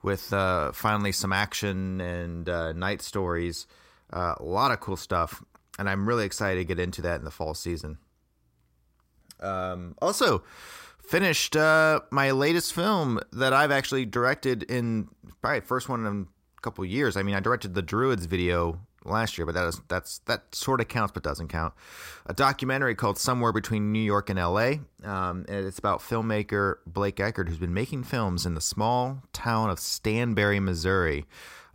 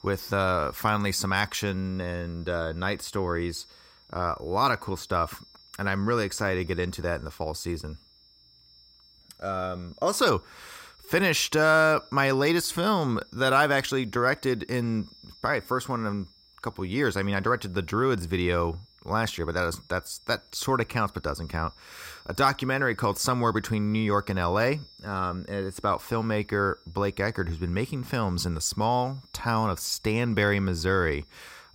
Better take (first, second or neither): first